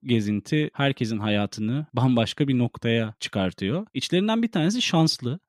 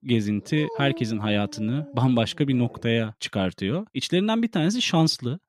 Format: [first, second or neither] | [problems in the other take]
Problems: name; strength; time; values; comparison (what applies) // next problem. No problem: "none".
first | dog barking; noticeable; until 3 s; peak 10 dB below the speech